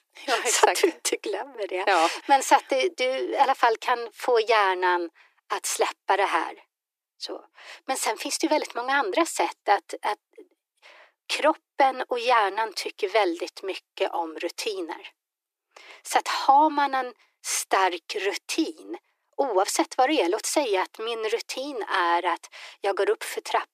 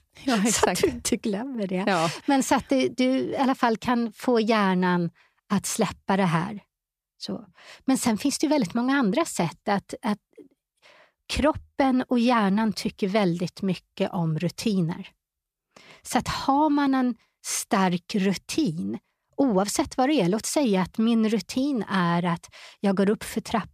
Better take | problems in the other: second | thin; very; fading below 300 Hz

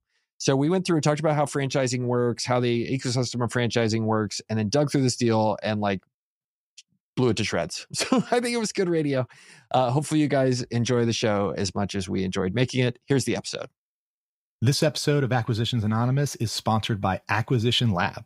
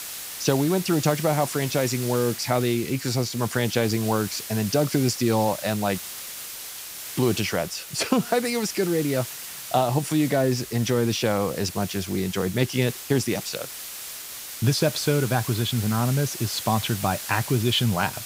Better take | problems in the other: first | hiss; loud; throughout; 9 dB below the speech

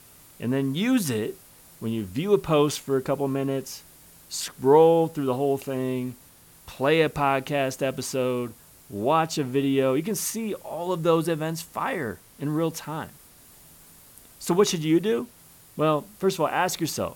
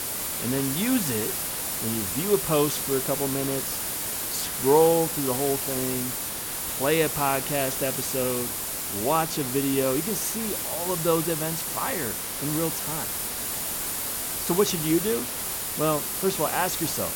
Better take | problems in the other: first | hiss; loud; throughout; 1 dB below the speech; faint in the first

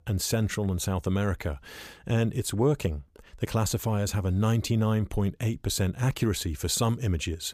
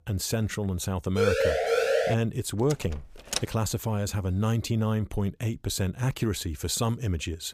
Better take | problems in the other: first | siren; loud; at 1 s; peak 5 dB above the speech // door banging; noticeable; at 2.5 s; peak 3 dB below the speech

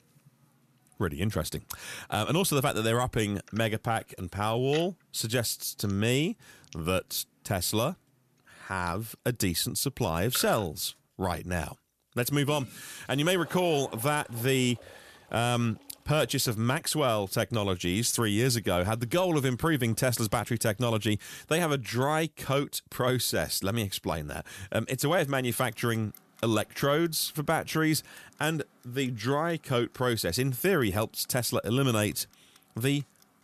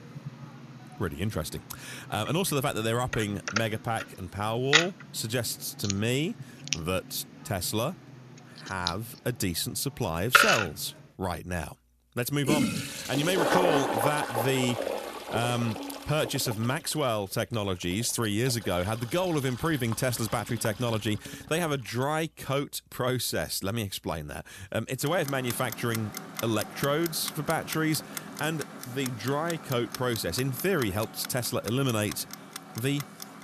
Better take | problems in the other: first | household noises; loud; throughout; 2 dB below the speech; faint in the first

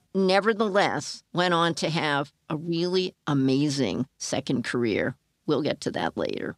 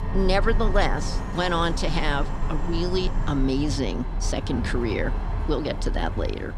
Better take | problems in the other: first | train or aircraft noise; loud; throughout; 3 dB below the speech

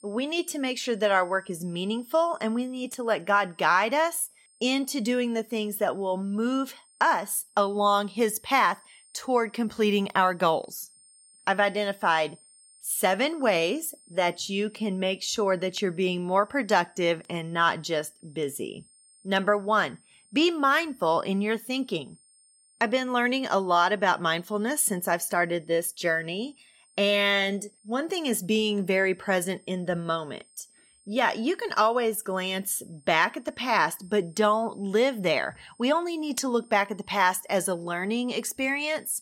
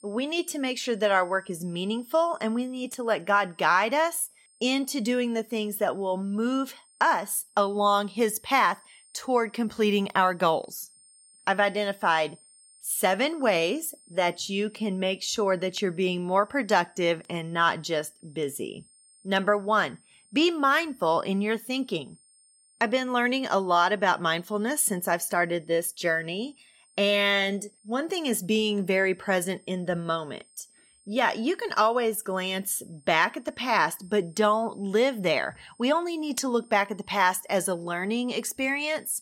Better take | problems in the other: neither | high-pitched whine; faint; throughout; 8.5 kHz, 30 dB below the speech; the same in both

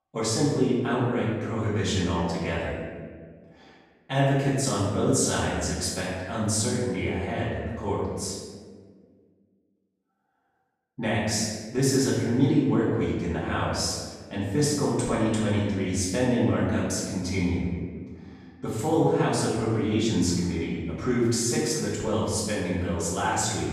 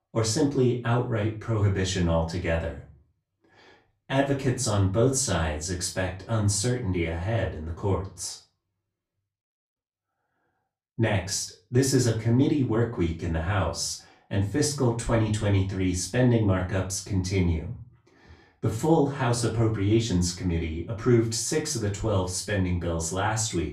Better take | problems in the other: second | room echo; strong; dies away in 1.4 s; slight in the second // off-mic speech; far; far in the second

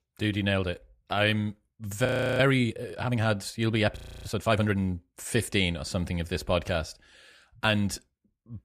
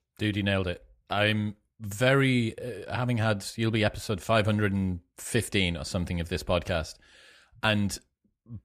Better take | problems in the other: second | audio freezing; at 2 s and at 4 s

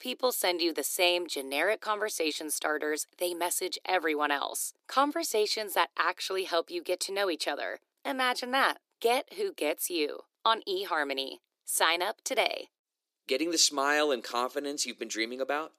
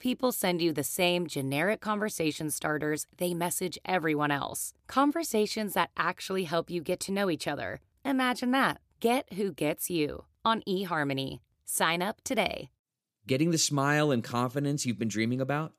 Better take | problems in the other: second | thin; somewhat; fading below 350 Hz

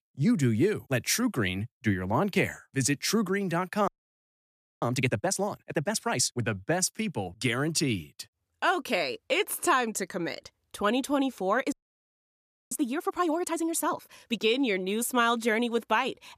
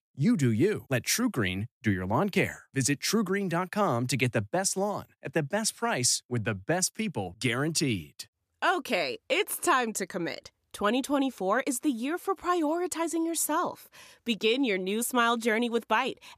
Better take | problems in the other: second | audio freezing; at 4 s for 1 s and at 12 s for 1 s

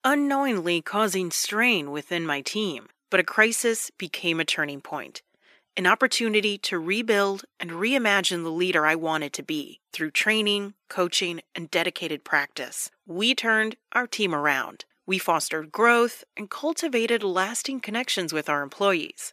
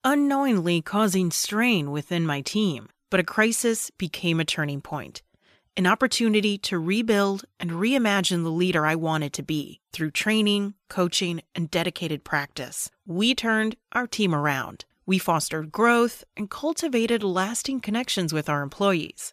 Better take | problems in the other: second | thin; very slightly; fading below 350 Hz

